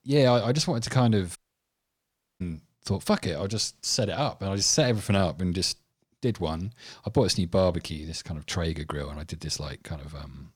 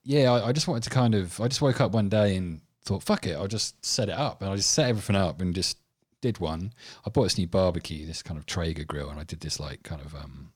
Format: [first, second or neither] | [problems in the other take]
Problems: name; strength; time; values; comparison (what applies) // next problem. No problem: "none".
second | audio cutting out; at 1.5 s for 1 s